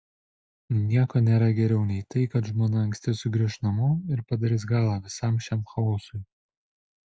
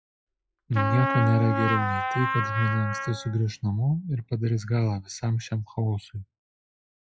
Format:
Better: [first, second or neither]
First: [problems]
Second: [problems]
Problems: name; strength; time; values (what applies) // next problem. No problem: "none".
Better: first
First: none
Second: noise reduction (classical method log-MMSE)